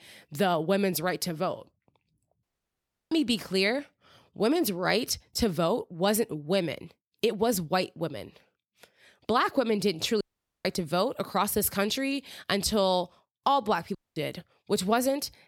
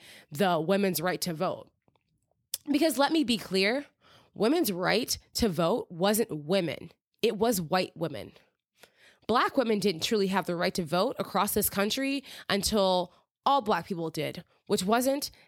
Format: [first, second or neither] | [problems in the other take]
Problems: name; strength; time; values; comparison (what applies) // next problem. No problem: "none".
second | audio cutting out; at 2.5 s for 0.5 s, at 10 s and at 14 s